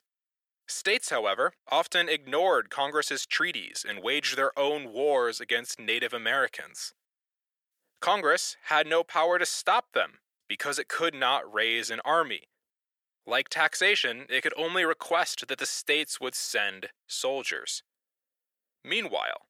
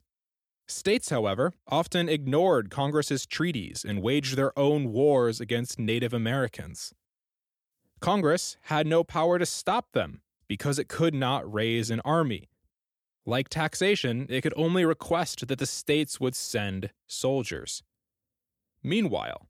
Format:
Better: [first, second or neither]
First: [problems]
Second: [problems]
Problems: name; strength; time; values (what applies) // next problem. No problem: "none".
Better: second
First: thin; very; fading below 650 Hz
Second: none